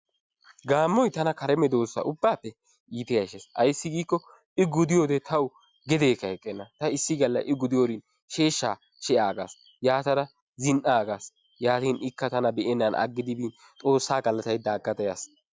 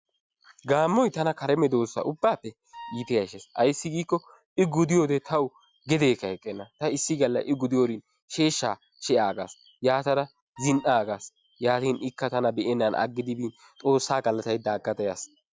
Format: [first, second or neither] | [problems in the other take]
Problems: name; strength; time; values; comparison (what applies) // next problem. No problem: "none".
first | background sound (Wind instrument, woodwind instrument); 18 dB below the speech